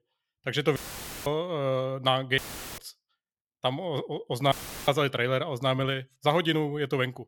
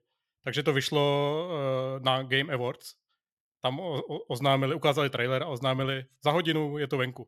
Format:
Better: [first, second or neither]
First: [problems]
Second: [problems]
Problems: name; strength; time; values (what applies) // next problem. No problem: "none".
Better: second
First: audio cutting out; filled with static; at 1 s for 0.5 s, at 2.5 s and at 4.5 s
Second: none